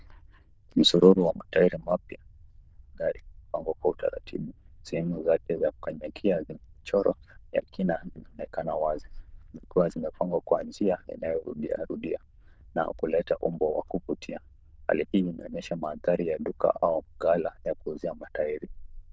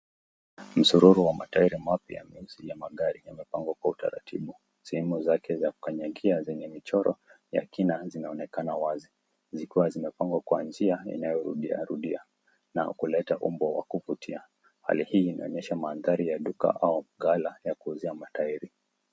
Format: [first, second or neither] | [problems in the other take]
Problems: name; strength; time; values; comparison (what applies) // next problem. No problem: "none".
second | noise reduction (neural diffusion model UNIVERSE++)